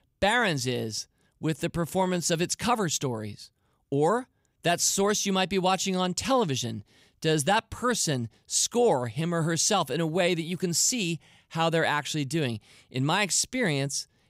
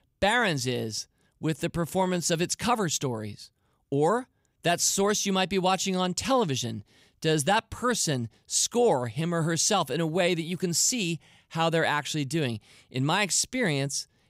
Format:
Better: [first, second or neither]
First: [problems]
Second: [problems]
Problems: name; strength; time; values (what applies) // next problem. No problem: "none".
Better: neither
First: none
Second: none